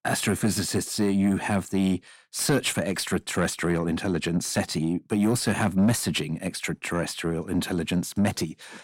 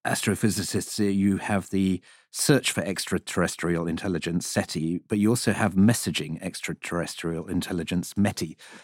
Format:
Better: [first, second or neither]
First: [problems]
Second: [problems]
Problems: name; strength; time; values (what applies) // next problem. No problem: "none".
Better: second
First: distortion; slight; 10 dB below the speech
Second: none